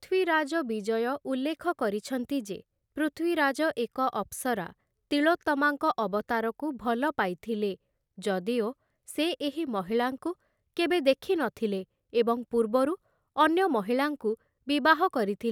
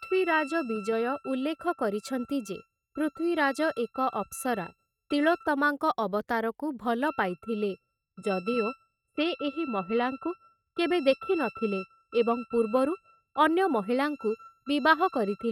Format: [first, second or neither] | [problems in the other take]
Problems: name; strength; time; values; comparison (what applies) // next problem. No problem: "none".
first | noise reduction (neural mask model RNNoise)